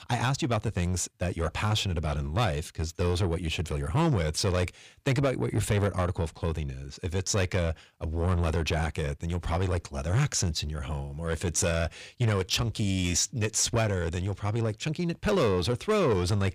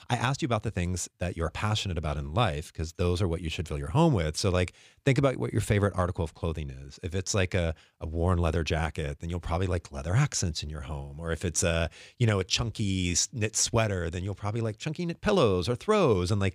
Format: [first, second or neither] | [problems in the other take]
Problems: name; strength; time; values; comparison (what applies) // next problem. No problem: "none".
second | distortion; slight; 10 dB below the speech